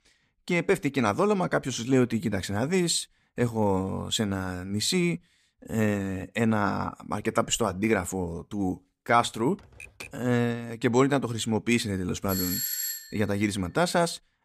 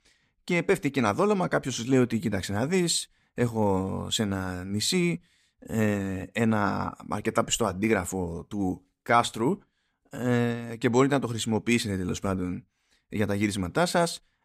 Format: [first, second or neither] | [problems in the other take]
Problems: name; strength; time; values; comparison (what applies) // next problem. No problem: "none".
second | keyboard typing; faint; at 9.5 s; peak 15 dB below the speech // doorbell; noticeable; at 12 s; peak level with the speech